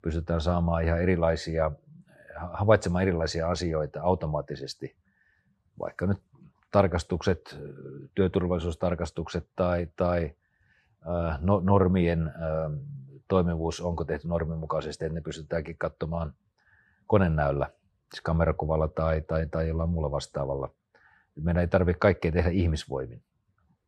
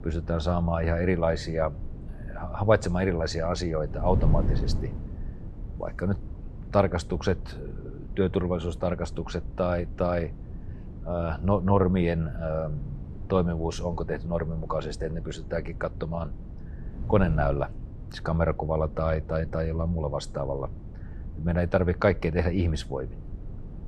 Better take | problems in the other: first | wind noise on the microphone; occasional gusts; 20 dB below the speech

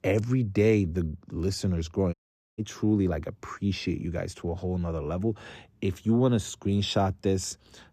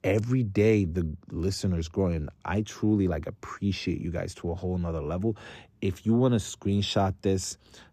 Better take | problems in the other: second | audio cutting out; at 2 s

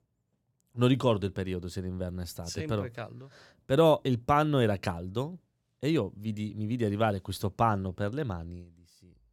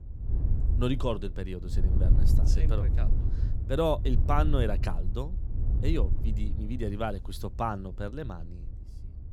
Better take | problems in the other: first | wind noise on the microphone; occasional gusts; 10 dB below the speech

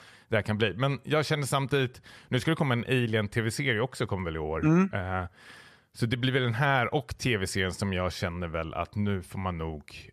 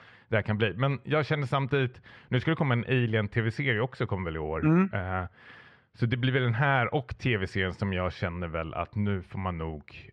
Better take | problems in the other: first | muffled; slightly; fading above 2.5 kHz

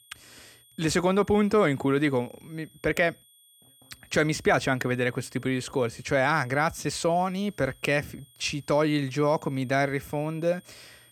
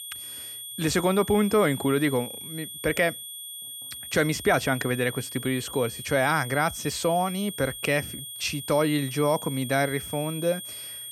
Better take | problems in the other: first | high-pitched whine; loud; throughout; 3.5 kHz, 10 dB below the speech; faint in the first

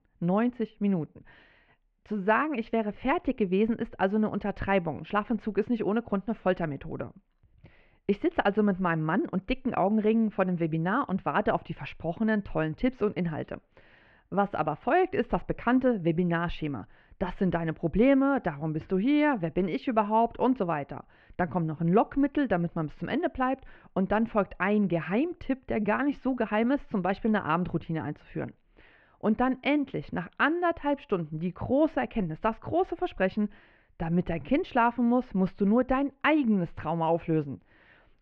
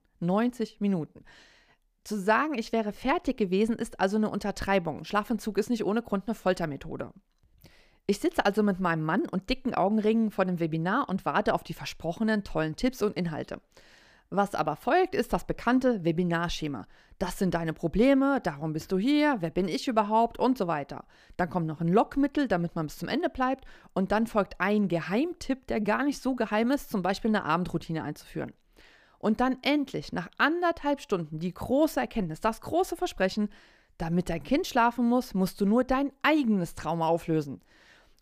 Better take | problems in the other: second | muffled; very; fading above 2.5 kHz

